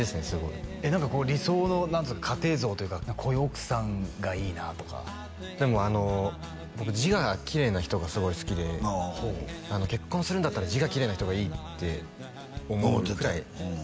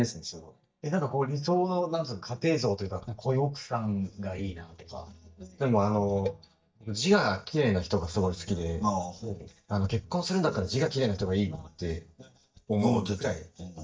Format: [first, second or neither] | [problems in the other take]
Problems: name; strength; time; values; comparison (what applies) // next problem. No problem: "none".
first | noise reduction (neural mask model DeepFilterNet 3)